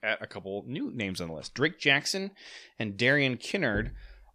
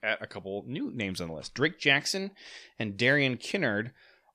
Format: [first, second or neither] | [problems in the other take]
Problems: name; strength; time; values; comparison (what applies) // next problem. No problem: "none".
second | door banging; faint; at 3.5 s; peak 10 dB below the speech